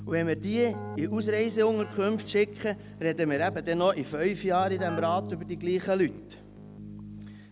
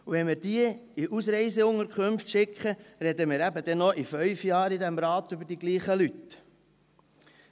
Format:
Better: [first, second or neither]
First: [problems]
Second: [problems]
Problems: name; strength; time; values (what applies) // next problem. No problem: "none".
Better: second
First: background sound (Keyboard (musical)); 11 dB below the speech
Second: none